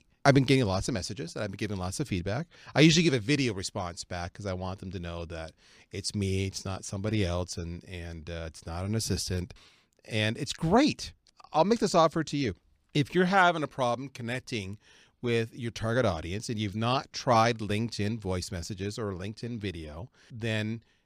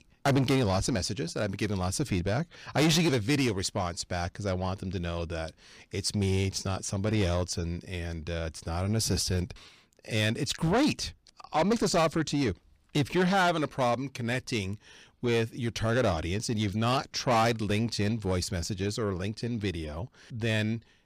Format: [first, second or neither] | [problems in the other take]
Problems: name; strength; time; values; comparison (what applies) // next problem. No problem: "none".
first | distortion; heavy; 7 dB below the speech